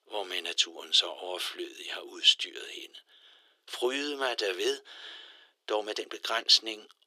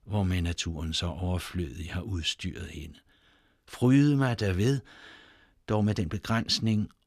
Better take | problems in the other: second | thin; very; fading below 350 Hz

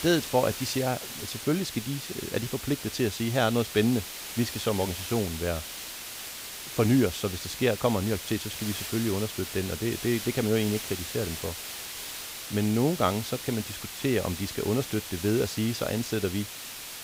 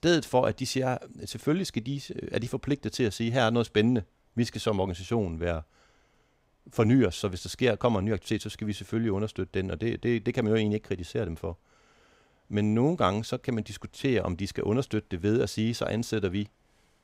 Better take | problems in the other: second | hiss; loud; throughout; 7 dB below the speech

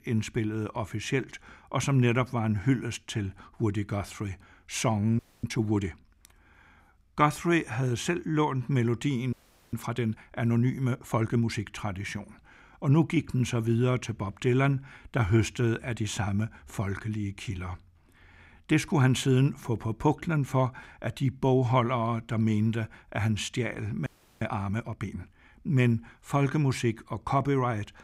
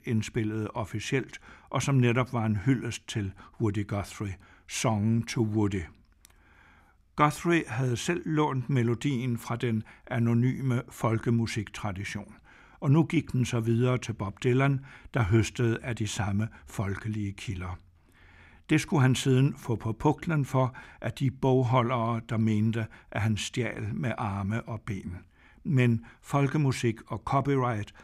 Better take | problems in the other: second | audio freezing; at 5 s, at 9.5 s and at 24 s

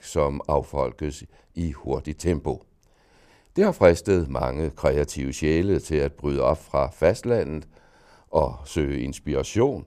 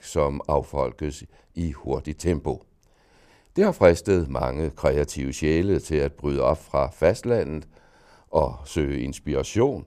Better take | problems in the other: neither | none

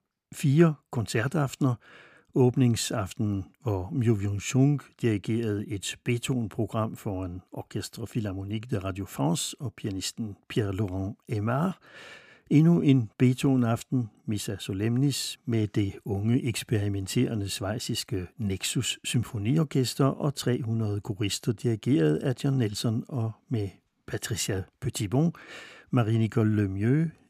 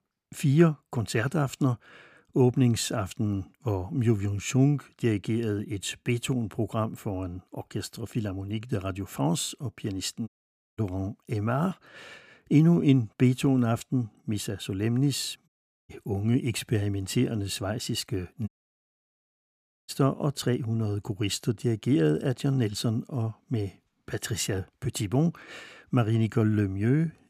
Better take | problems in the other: first | audio cutting out; at 10 s, at 15 s and at 18 s for 1.5 s

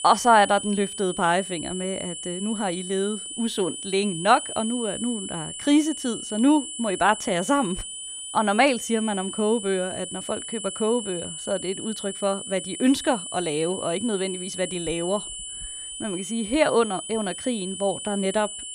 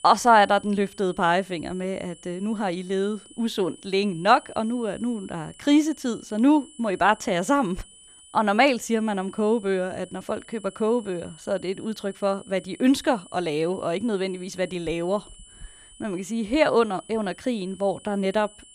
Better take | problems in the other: second | high-pitched whine; loud; throughout; 3 kHz, 8 dB below the speech; faint in the second

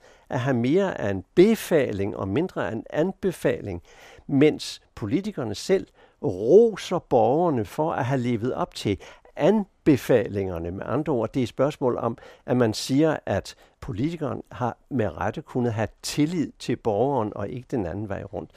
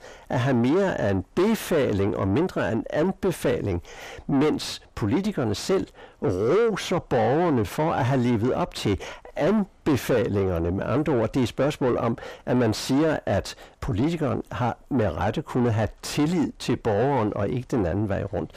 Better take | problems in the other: first | distortion; heavy; 6 dB below the speech

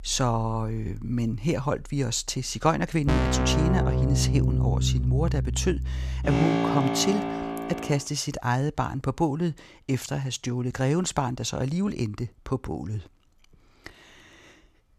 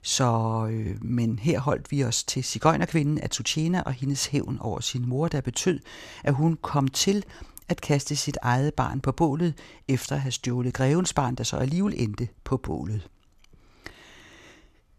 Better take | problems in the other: second | background music; very loud; until 8 s; 1 dB above the speech

